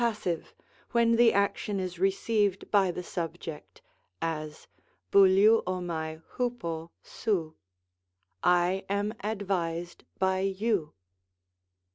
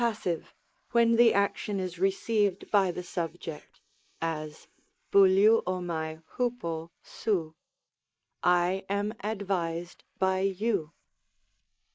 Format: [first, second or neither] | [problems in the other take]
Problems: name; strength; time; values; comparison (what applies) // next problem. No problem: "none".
first | noise reduction (neural mask model Resemble Enhance denoiser)